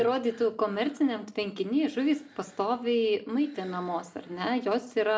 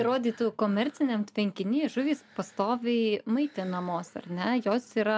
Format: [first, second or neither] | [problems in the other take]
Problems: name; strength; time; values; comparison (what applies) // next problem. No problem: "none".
second | room echo; dies away in 0.4 s